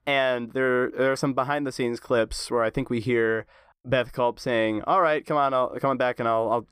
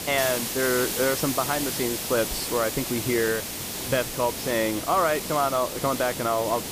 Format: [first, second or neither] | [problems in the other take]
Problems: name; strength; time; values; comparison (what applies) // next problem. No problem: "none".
first | hiss; loud; throughout; 3 dB below the speech